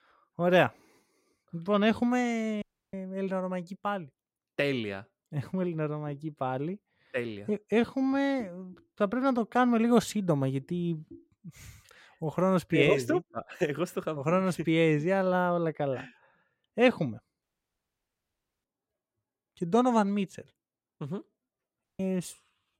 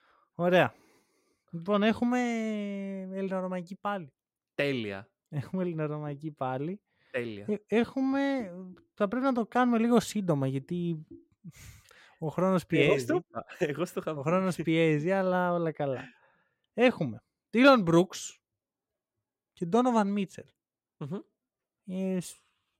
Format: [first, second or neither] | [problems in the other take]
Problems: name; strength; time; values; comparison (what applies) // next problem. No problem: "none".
second | audio cutting out; at 2.5 s, at 17 s for 1 s and at 22 s